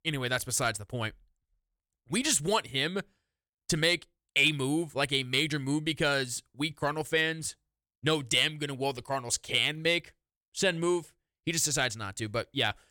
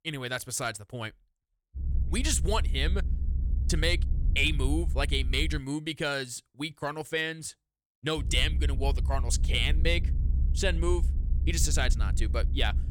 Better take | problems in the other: first | low rumble; noticeable; from 2 to 5.5 s and from 8 s on; 15 dB below the speech

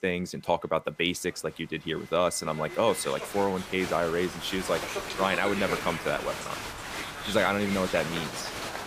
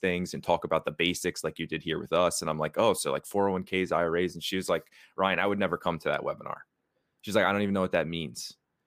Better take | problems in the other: second | crowd noise; loud; throughout; 6 dB below the speech

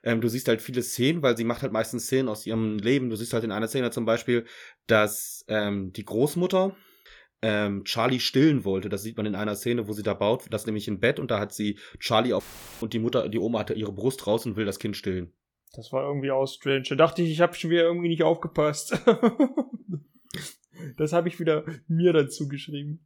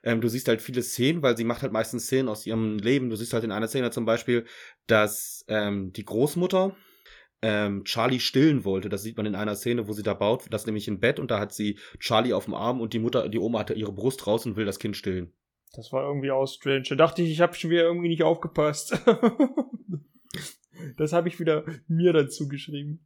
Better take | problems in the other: second | audio cutting out; filled with static; at 12 s

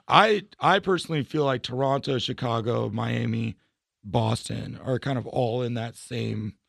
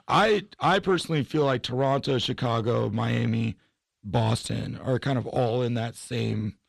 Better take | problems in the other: first | distortion; slight; 10 dB below the speech

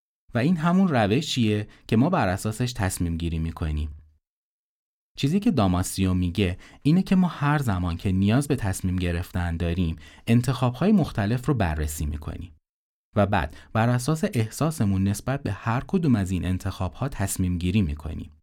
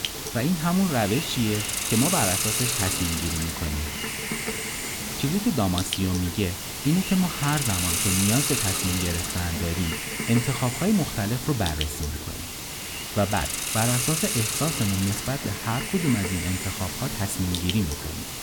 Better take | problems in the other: first | hiss; loud; throughout; as loud as the speech

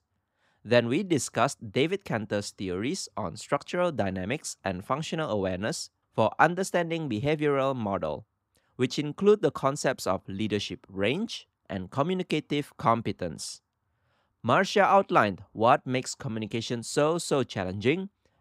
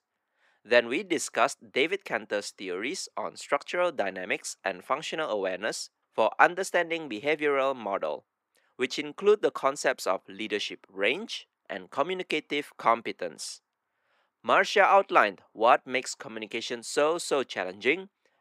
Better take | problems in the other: first | thin; somewhat; fading below 400 Hz

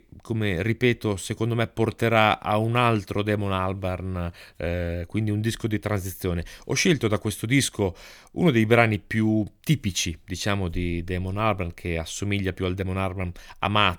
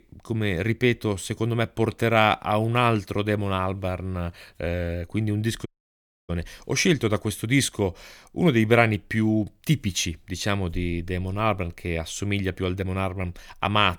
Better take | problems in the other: first | audio cutting out; at 5.5 s for 0.5 s

